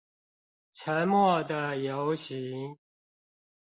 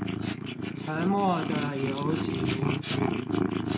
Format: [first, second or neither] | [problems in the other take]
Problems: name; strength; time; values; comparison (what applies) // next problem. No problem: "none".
first | background sound (Purr); 2 dB above the speech // room echo; dies away in 0.4 s